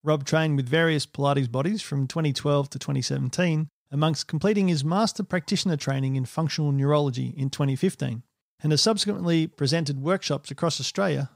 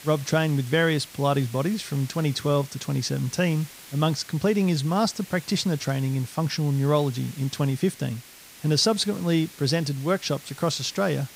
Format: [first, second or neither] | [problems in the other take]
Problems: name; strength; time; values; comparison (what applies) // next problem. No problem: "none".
first | hiss; noticeable; throughout; 20 dB below the speech